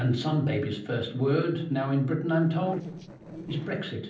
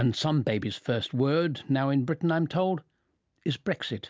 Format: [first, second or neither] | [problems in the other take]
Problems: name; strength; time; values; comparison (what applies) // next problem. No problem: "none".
second | noise reduction (neural separator model SepFormer DNS4)